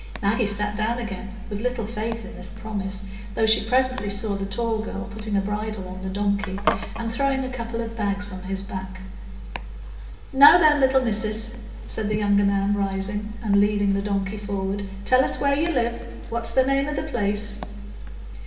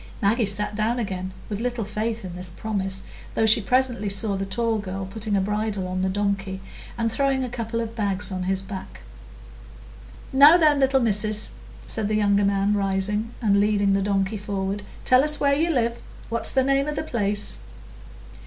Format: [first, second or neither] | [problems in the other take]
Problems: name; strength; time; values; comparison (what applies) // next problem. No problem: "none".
second | background sound (Domestic sounds, home sounds); 16 dB below the speech // room echo; dies away in 2.5 s